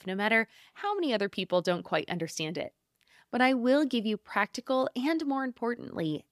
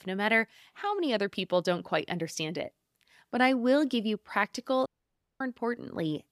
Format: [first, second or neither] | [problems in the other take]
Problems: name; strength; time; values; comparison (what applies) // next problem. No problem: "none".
first | audio cutting out; at 5 s for 0.5 s